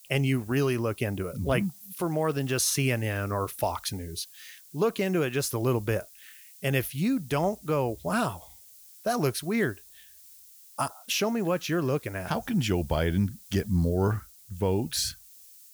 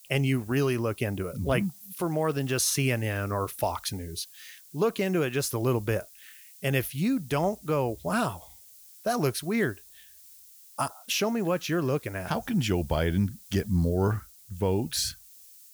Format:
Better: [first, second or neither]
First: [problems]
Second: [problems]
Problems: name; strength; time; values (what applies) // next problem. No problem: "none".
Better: neither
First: hiss; faint; throughout; 20 dB below the speech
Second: hiss; faint; throughout; 20 dB below the speech